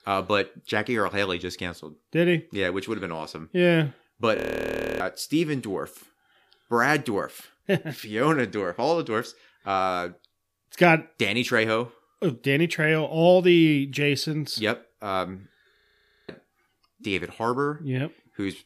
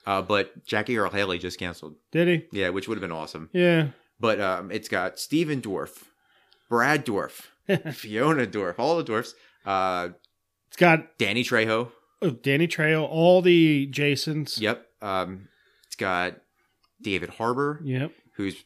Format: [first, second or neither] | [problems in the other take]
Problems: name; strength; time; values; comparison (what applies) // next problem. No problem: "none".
second | audio freezing; at 4.5 s for 0.5 s and at 16 s for 0.5 s